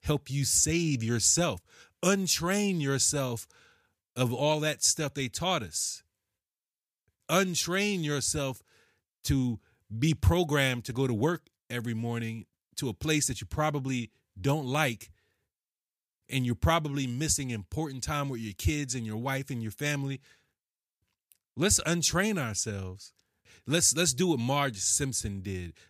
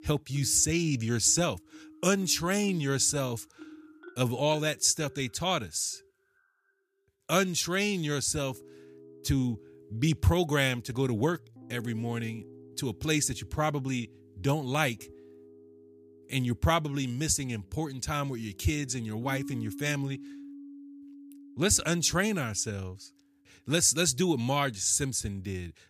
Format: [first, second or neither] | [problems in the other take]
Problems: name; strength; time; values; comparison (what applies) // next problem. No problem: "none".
first | background music; faint; throughout; 20 dB below the speech